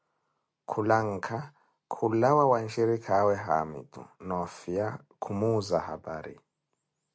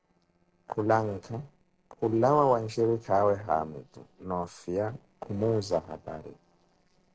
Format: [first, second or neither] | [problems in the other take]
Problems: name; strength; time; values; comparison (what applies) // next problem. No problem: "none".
first | noise reduction (neural separator model SepFormer DNS4)